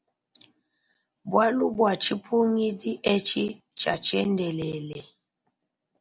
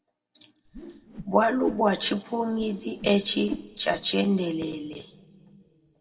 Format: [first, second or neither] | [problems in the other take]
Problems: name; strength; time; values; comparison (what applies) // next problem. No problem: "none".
first | background sound (Whoosh, swoosh, swish); 12 dB below the speech // room echo; dies away in 1.6 s